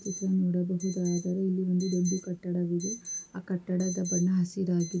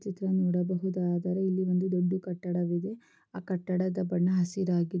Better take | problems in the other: second | background sound (Alarm); 14 dB below the speech // room echo; dies away in 1.5 s

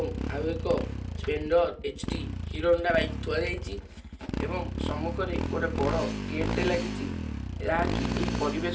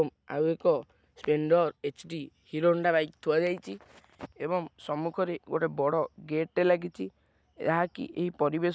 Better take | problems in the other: second | background sound (Motorcycle); 1 dB below the speech // room echo; dies away in 0.3 s

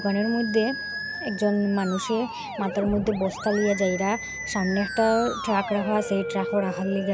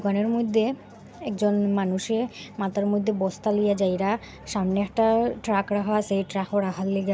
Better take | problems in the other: second | background sound (Musical instrument); 8 dB below the speech

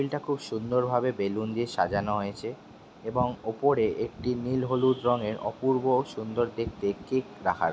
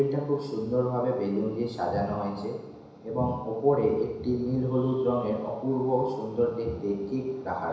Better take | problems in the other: first | room echo; dies away in 1 s

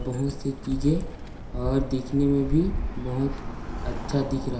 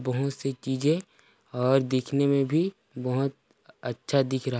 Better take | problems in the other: second | background sound (Bird); 4 dB below the speech // room echo; dies away in 0.7 s

